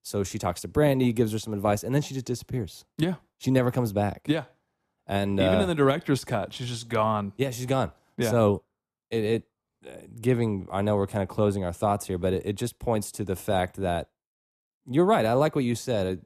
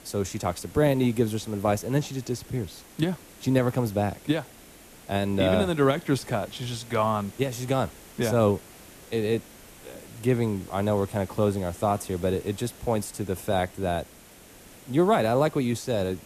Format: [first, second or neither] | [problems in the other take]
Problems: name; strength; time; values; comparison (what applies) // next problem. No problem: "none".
first | hiss; faint; throughout; 20 dB below the speech